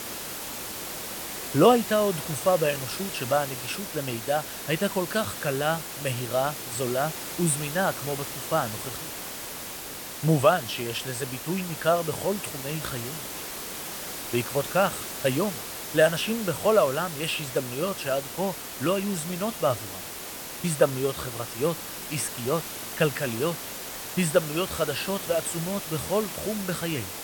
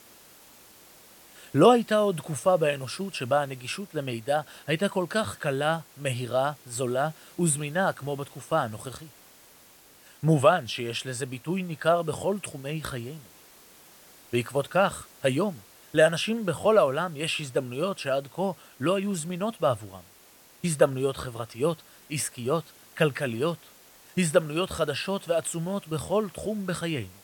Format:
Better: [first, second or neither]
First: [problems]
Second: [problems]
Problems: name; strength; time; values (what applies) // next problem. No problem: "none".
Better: second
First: hiss; loud; throughout; 7 dB below the speech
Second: hiss; faint; throughout; 25 dB below the speech